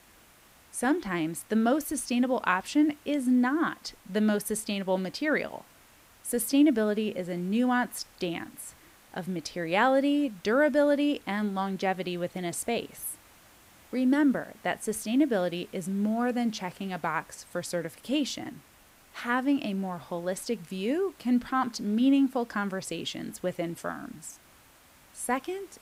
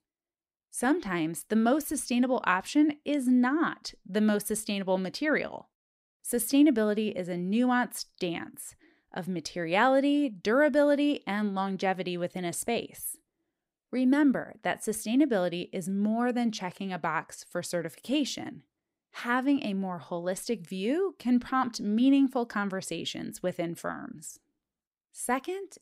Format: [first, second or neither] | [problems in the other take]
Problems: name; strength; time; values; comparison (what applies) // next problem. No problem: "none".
second | hiss; faint; throughout; 25 dB below the speech